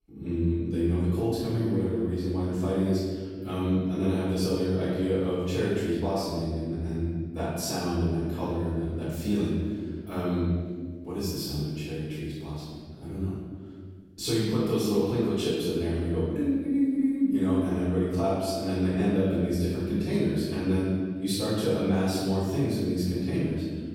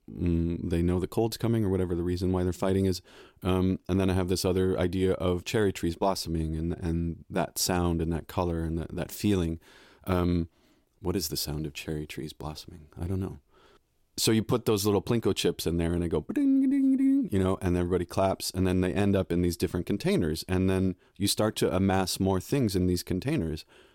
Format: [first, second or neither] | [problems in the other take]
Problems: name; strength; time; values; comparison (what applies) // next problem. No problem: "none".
second | off-mic speech; far // room echo; strong; dies away in 1.7 s